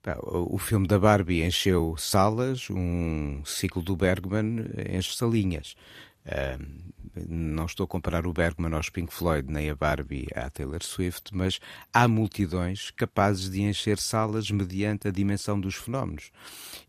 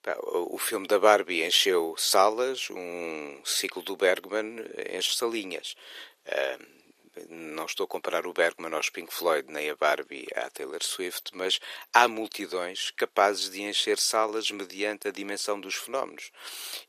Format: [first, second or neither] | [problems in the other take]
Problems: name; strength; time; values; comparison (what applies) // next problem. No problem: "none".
first | thin; very; fading below 400 Hz